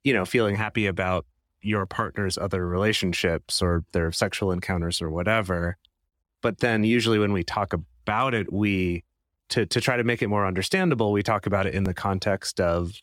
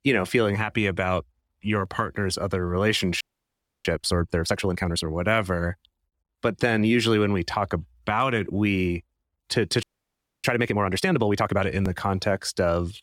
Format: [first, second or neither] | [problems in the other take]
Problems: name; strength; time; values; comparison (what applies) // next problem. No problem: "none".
first | audio freezing; at 3 s for 0.5 s and at 10 s for 0.5 s